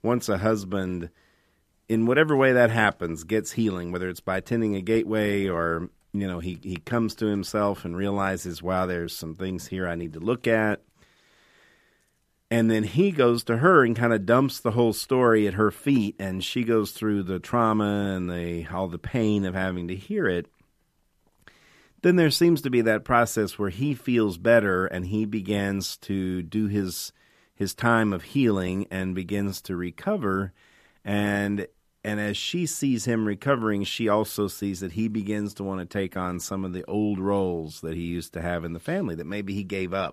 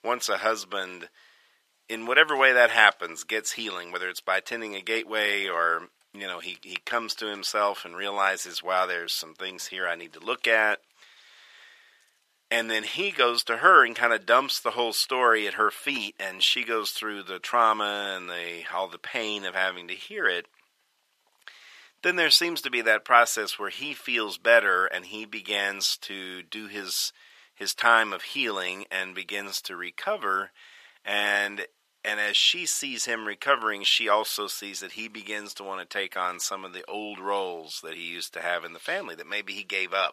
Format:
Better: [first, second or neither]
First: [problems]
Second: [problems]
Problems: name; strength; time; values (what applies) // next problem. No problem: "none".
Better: first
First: none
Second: thin; very; fading below 750 Hz